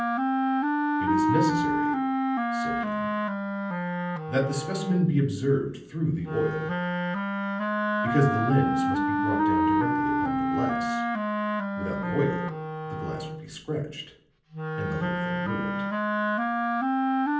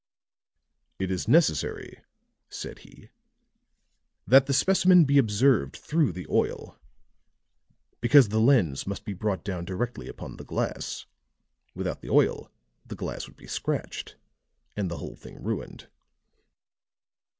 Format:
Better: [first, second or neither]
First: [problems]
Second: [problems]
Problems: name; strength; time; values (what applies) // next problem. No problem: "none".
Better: second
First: background sound (Wind instrument, woodwind instrument); 4 dB above the speech // room echo; dies away in 0.6 s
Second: none